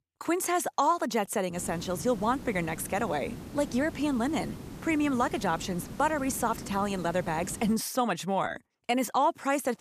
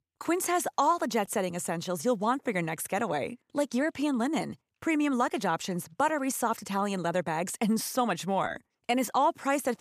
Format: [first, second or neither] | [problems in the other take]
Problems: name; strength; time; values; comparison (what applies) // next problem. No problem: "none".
second | hiss; noticeable; from 1.5 to 7.5 s; 15 dB below the speech